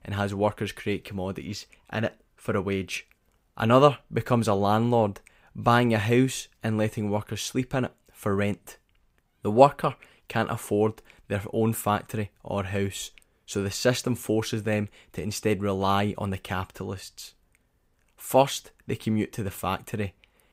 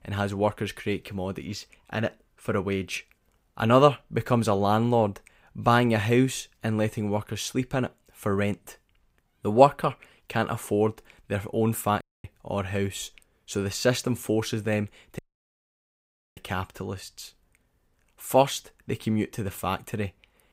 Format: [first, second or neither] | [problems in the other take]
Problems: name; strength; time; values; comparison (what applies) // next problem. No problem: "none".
first | audio cutting out; at 12 s and at 15 s for 1 s